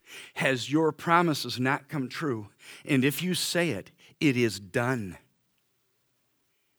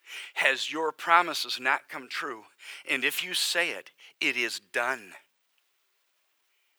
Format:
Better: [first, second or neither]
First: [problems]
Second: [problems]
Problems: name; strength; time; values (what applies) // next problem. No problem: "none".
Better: first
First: none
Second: thin; very; fading below 700 Hz